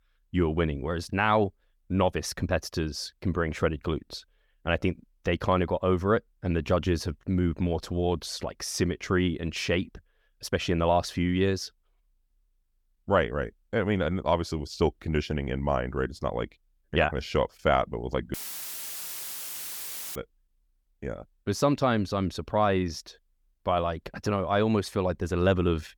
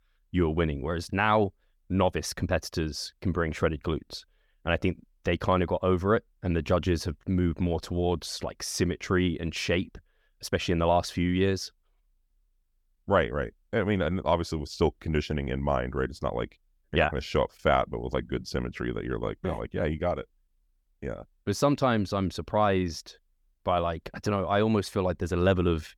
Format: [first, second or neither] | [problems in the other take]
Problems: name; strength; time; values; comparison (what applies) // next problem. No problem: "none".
second | audio cutting out; filled with static; at 18 s for 2 s